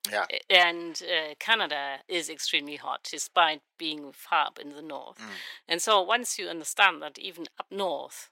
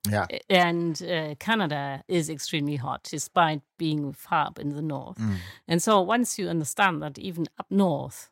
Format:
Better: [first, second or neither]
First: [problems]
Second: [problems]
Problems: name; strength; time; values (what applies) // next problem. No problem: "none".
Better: second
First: thin; very; fading below 400 Hz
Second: none